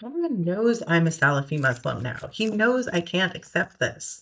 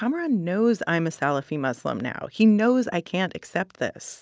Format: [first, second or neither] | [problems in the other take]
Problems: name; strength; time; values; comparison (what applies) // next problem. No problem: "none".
second | noise reduction (neural mask model DeepFilterNet 3)